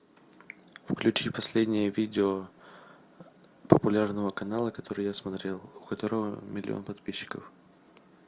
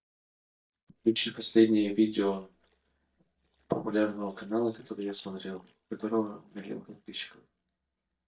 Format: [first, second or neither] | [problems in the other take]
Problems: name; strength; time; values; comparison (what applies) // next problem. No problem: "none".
first | noise reduction (neural mask model DeepFilterNet 3)